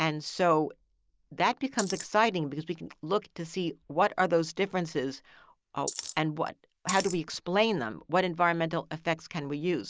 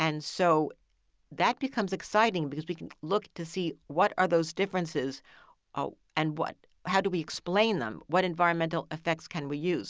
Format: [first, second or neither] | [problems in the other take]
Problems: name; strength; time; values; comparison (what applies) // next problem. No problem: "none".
second | noise reduction (neural mask model Resemble Enhance denoiser)